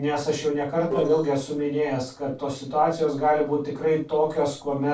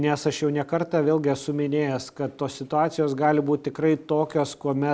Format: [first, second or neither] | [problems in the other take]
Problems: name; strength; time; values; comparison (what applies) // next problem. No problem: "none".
second | noise reduction (neural separator model SepFormer DNS4)